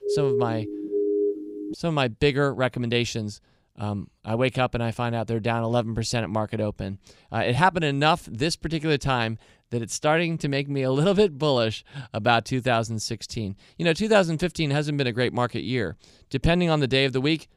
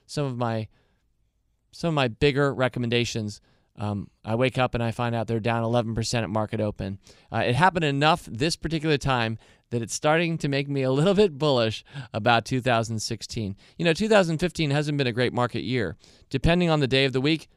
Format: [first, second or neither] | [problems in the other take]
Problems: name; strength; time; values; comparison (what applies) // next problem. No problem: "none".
second | siren; loud; until 1.5 s; peak 1 dB above the speech